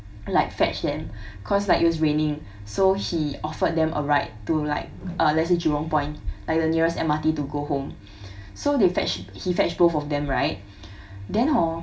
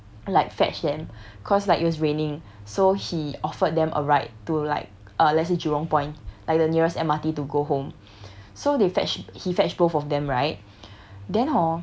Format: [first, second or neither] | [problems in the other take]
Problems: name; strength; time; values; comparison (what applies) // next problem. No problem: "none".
second | background sound (Whoosh, swoosh, swish); 15 dB below the speech // room echo; dies away in 0.2 s